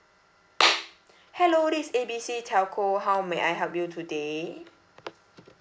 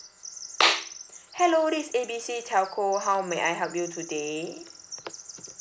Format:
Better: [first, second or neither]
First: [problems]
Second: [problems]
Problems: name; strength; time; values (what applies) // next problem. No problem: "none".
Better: first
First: none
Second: background sound (Bird vocalization, bird call, bird song); 15 dB below the speech